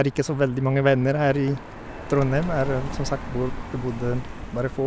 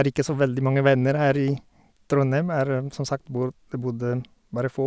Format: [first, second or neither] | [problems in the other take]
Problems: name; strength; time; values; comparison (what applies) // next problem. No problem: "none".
second | background sound (Car passing by); 9 dB below the speech